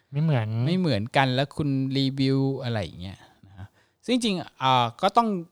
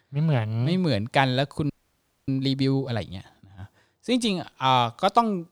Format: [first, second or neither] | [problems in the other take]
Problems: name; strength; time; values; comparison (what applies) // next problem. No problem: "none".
first | audio freezing; at 1.5 s for 0.5 s